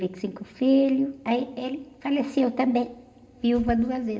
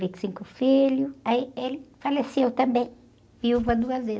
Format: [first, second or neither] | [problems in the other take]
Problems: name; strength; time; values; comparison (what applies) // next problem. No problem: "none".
second | room echo; dies away in 2.1 s